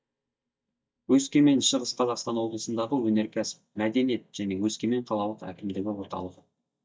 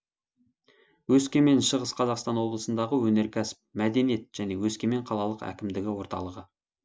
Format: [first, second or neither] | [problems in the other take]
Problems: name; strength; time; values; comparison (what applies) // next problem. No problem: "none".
second | noise reduction (neural mask model DeepFilterNet 3)